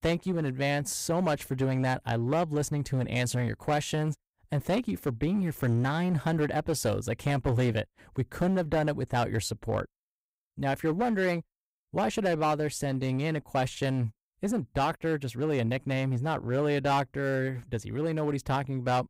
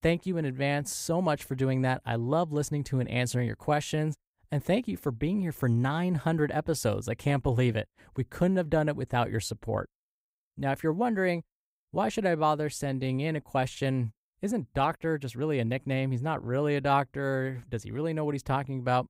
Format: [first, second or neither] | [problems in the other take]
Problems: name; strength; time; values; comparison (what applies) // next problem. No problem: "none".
second | distortion; slight; 9% of the sound clipped